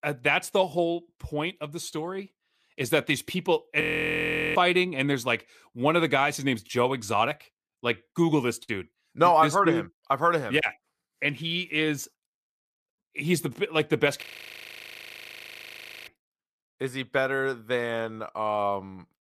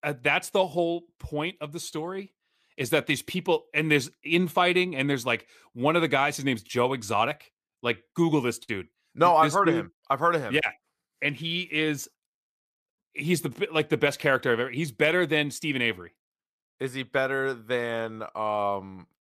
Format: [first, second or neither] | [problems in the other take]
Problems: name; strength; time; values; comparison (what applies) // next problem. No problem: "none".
second | audio freezing; at 4 s for 0.5 s and at 14 s for 2 s